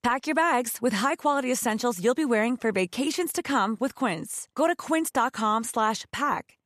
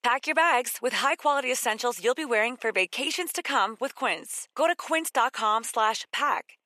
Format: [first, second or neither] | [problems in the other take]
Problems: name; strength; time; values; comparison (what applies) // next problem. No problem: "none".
first | thin; somewhat; fading below 550 Hz